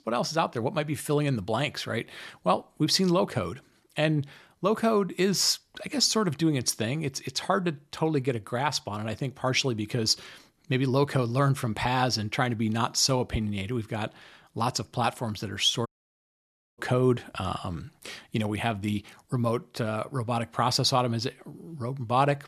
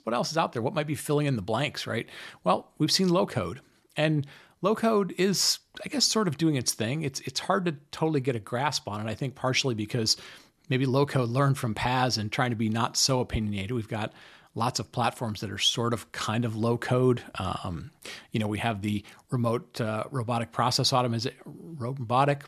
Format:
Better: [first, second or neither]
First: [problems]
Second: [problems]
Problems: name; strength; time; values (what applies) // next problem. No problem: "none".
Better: second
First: audio cutting out; at 16 s for 1 s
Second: none